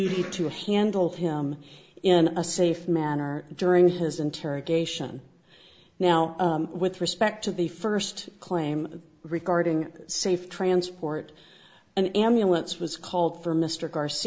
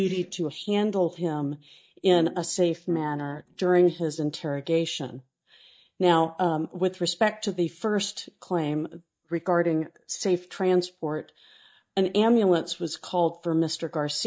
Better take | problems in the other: first | noise reduction (neural mask model DeepFilterNet 3)

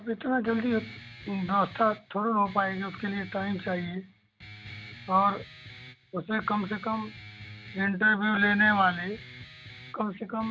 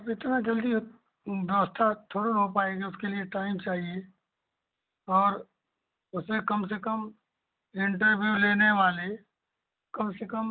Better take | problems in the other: second | background sound (Guitar); 17 dB below the speech

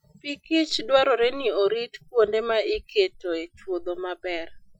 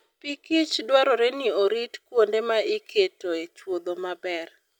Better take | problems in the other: second | noise reduction (classical method Wiener filter)

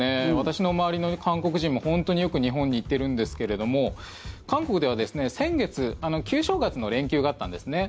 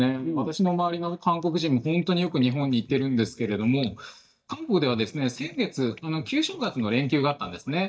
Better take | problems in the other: first | noise reduction (neural mask model DeepFilterNet 3)

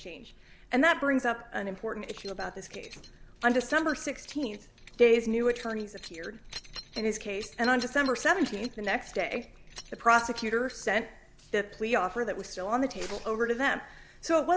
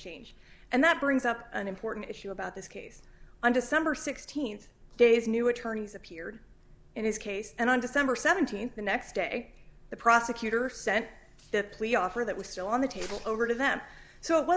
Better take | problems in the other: second | background sound (Keys jangling); 20 dB below the speech

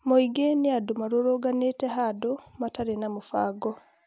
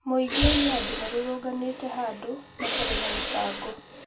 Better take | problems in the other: first | background sound (Hiss / Breathing); 1 dB below the speech // room echo; dies away in 0.2 s

